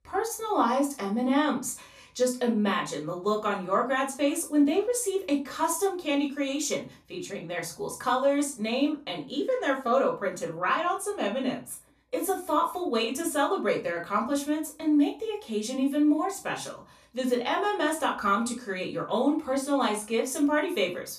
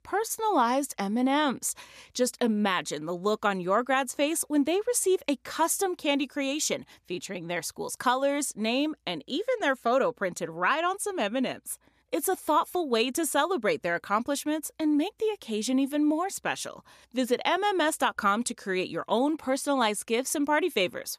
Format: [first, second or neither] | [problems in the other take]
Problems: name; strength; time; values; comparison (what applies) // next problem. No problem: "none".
second | off-mic speech; far // room echo; slight; dies away in 0.3 s